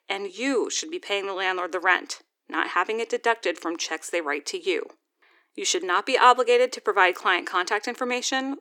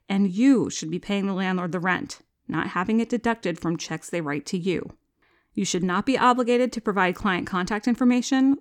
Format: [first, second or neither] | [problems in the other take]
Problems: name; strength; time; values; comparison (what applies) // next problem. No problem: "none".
second | thin; very; fading below 350 Hz